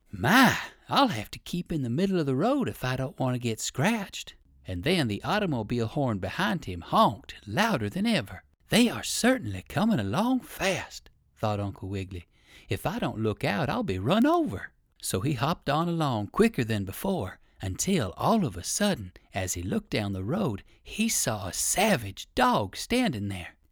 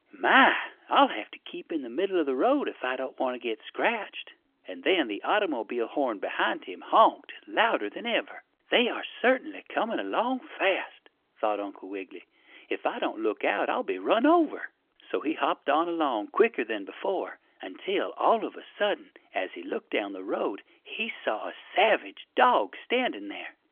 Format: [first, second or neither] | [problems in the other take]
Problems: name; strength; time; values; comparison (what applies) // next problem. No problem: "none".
first | phone-call audio; nothing above 3.5 kHz